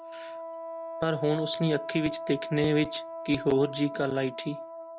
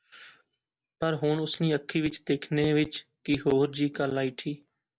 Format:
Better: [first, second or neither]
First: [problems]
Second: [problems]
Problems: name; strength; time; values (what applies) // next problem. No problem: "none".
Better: second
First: background sound (Wind instrument, woodwind instrument); 9 dB below the speech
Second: none